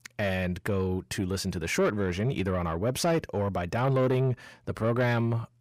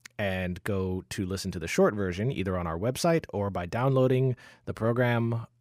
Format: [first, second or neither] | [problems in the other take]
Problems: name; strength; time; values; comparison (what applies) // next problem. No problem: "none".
second | distortion; slight; 10 dB below the speech